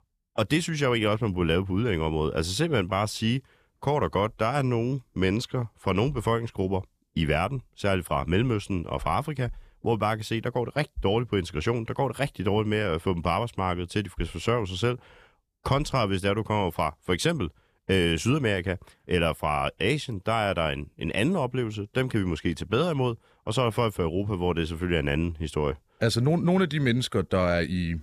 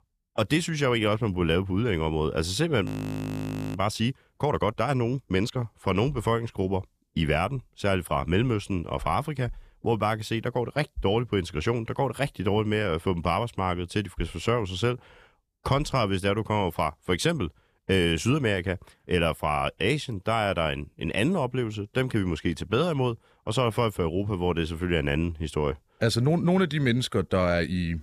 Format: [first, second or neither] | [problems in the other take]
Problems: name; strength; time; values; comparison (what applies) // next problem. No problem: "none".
first | audio freezing; at 3 s for 1 s